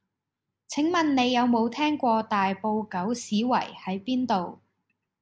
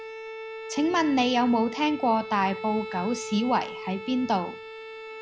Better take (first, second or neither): first